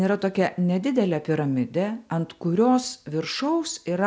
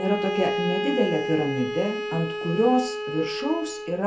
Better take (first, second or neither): first